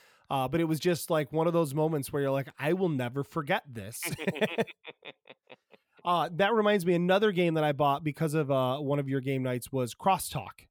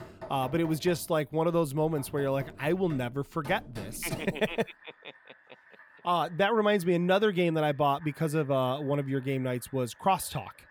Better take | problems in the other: first | household noises; faint; throughout; 20 dB below the speech

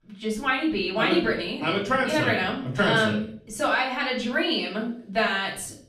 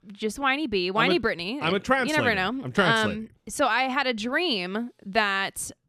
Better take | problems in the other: second | off-mic speech; far // room echo; slight; dies away in 0.4 s

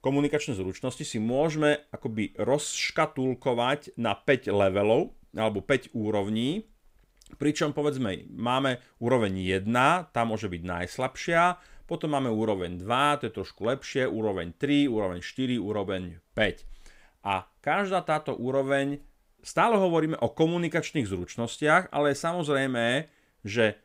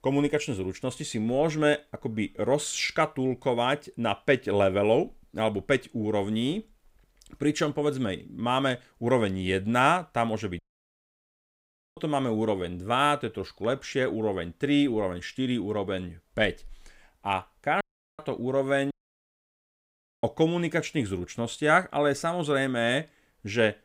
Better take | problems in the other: first | audio cutting out; at 11 s for 1.5 s, at 18 s and at 19 s for 1.5 s

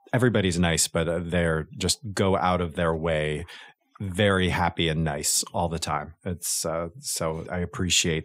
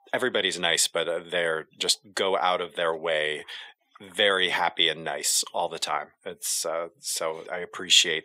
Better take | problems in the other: first | thin; very; fading below 500 Hz

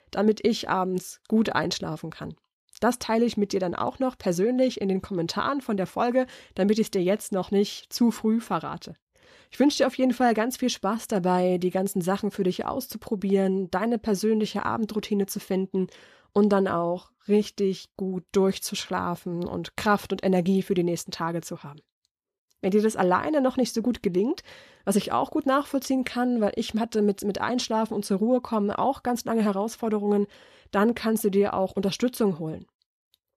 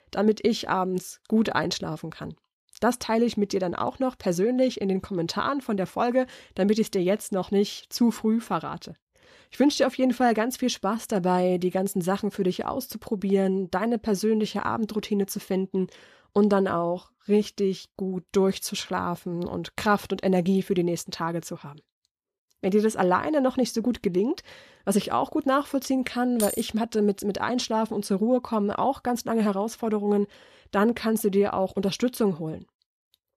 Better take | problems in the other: first | jangling keys; noticeable; at 26 s; peak 6 dB below the speech

